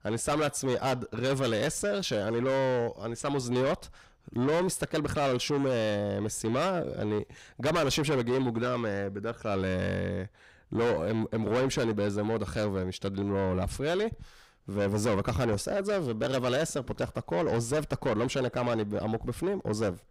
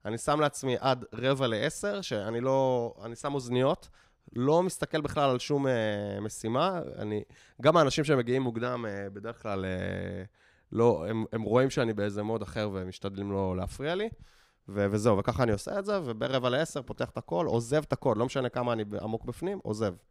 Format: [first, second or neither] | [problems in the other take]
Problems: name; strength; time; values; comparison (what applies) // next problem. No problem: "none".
second | distortion; heavy; 6 dB below the speech